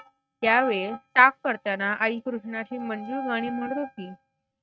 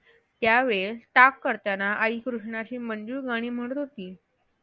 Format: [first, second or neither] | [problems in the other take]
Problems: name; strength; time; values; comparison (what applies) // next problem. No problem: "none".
second | noise reduction (neural mask model RNNoise)